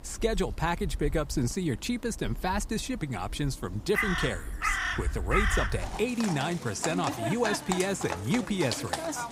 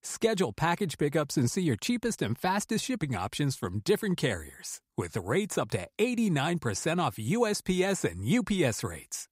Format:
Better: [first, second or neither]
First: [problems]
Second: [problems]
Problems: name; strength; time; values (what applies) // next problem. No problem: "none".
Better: second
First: animal sounds; loud; throughout; 3 dB below the speech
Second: none